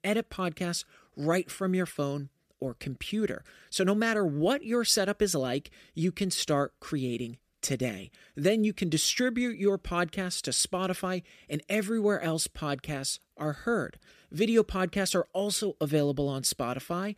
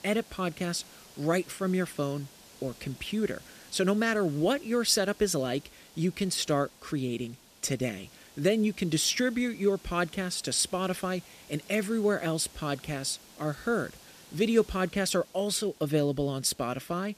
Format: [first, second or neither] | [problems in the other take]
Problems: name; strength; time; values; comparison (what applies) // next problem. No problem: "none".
first | hiss; faint; throughout; 20 dB below the speech